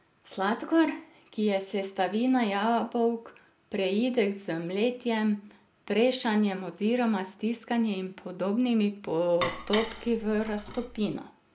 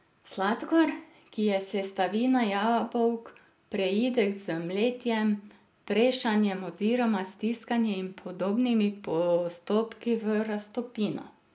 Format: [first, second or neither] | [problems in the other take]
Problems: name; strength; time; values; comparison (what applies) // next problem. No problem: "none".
second | background sound (Dishes, pots, and pans); 9 dB below the speech